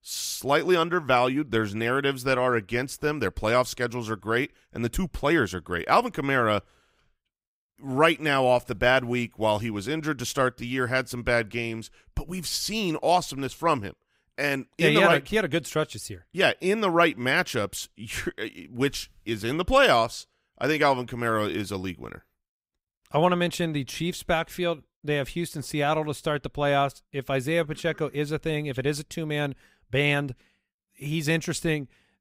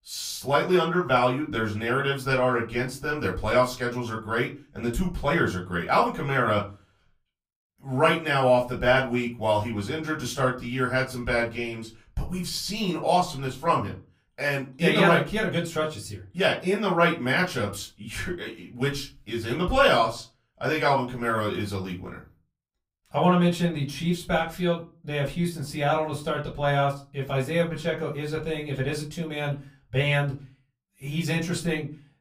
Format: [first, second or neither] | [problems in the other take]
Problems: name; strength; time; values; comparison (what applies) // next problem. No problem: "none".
first | off-mic speech; far // room echo; very slight; dies away in 0.3 s